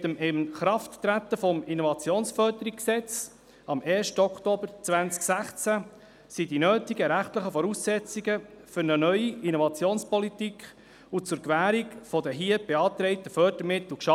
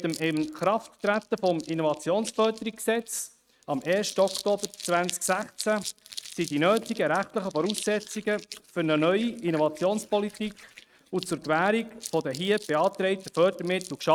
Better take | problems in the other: first | noise reduction (neural mask model RNNoise)

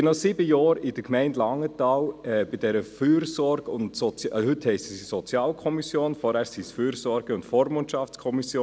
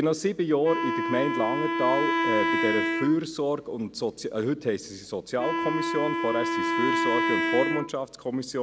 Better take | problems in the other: first | background sound (Wind instrument, woodwind instrument); as loud as the speech

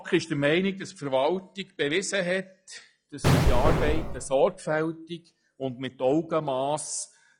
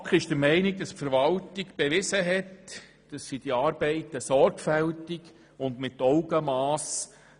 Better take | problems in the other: second | noise reduction (classical method log-MMSE)

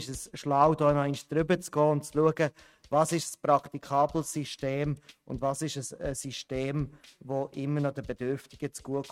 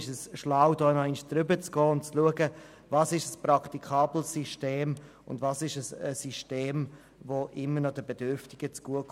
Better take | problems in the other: second | noise reduction (neural mask model RNNoise)

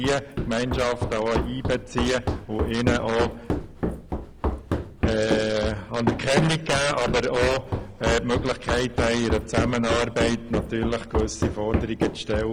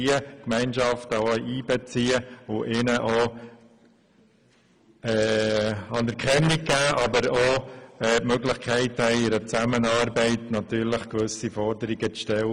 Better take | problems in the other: second | background sound (Run); 3 dB below the speech

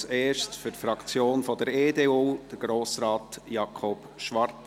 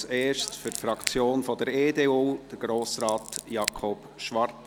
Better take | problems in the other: first | background sound (Scissors); 11 dB below the speech

